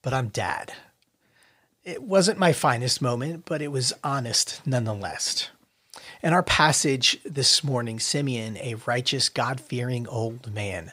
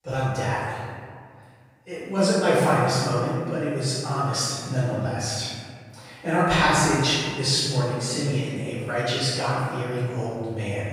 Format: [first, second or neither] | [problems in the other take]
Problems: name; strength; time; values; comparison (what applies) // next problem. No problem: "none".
first | room echo; strong; dies away in 1.8 s // off-mic speech; far